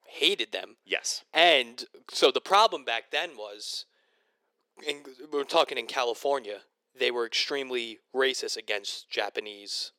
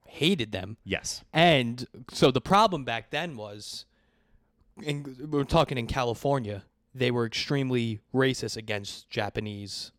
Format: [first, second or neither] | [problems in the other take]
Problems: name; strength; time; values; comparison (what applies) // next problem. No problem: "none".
second | thin; very; fading below 400 Hz